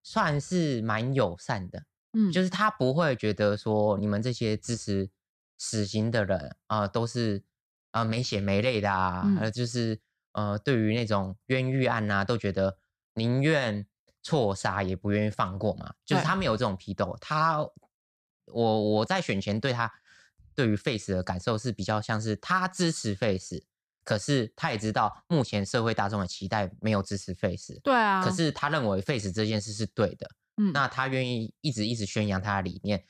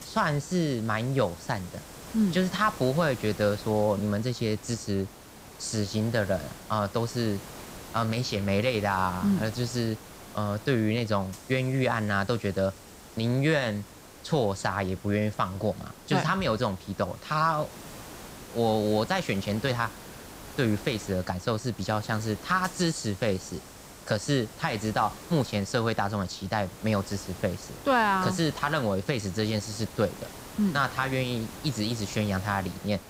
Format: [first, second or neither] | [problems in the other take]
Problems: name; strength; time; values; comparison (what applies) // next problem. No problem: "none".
first | hiss; noticeable; throughout; 15 dB below the speech